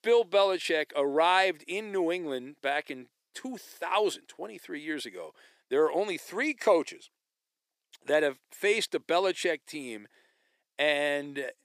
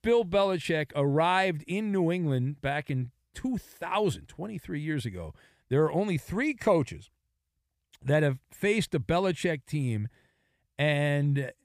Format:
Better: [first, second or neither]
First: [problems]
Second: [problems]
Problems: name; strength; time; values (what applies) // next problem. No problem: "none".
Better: second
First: thin; somewhat; fading below 350 Hz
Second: none